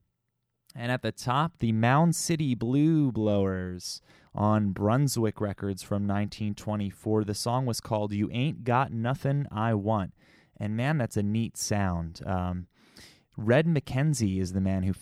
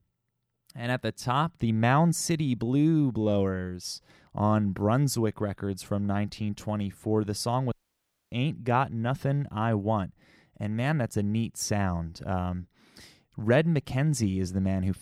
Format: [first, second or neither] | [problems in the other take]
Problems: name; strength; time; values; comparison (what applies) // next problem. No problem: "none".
first | audio cutting out; at 7.5 s for 0.5 s